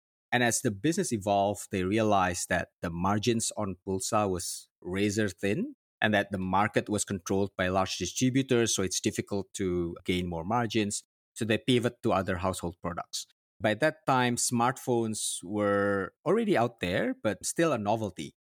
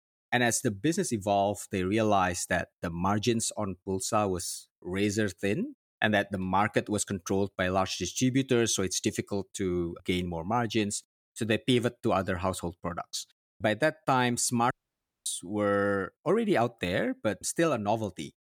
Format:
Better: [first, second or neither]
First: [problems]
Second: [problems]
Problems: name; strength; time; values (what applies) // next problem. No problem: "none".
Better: first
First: none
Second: audio cutting out; at 15 s for 0.5 s